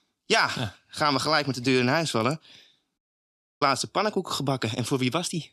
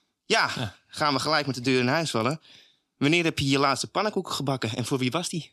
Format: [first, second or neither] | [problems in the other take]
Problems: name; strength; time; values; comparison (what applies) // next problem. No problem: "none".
second | audio cutting out; at 3 s for 0.5 s